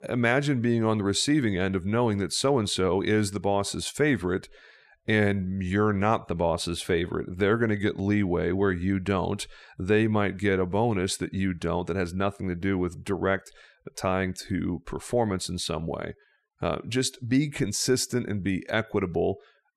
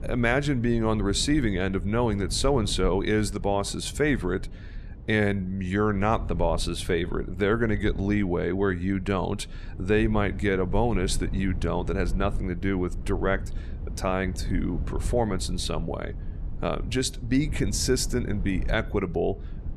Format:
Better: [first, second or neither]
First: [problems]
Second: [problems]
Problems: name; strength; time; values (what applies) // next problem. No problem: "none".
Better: first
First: none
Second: low rumble; faint; throughout; 20 dB below the speech